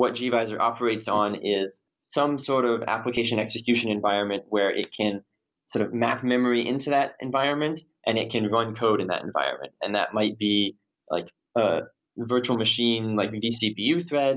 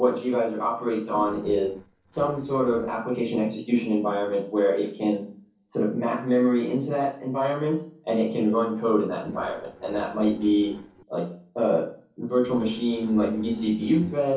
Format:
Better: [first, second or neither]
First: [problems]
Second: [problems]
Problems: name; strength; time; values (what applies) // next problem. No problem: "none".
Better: first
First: none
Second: noise reduction (neural separator model SepFormer DNS4)